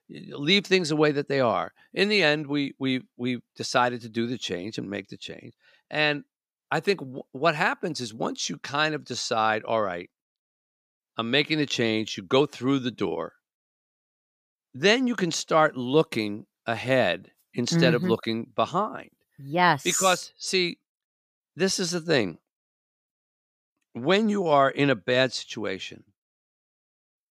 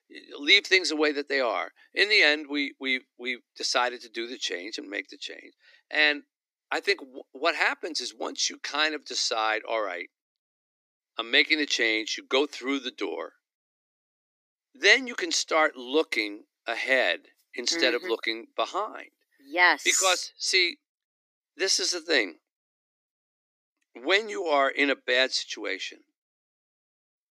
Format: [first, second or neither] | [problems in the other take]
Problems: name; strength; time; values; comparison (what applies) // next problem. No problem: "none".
first | thin; somewhat; fading below 300 Hz